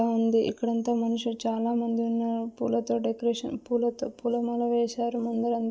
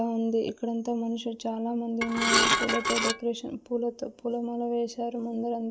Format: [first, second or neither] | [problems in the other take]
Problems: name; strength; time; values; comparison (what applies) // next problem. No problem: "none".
first | background sound (Dishes, pots, and pans / Glass); 4 dB above the speech